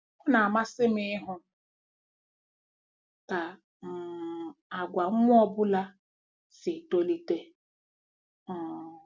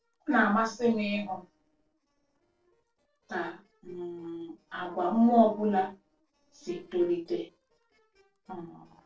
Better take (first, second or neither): first